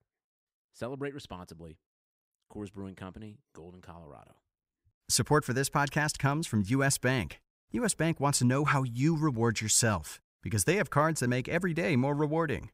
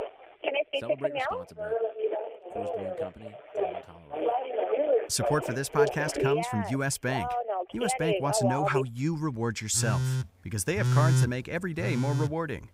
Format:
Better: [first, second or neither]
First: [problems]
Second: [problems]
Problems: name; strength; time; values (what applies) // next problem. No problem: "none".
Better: first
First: none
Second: alarms or sirens; very loud; throughout; as loud as the speech